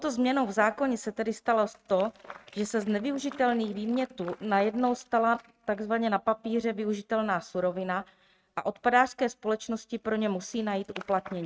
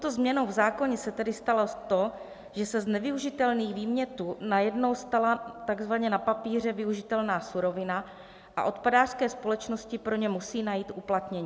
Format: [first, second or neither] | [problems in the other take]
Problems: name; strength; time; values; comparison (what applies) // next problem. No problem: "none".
second | noise reduction (neural mask model RNNoise)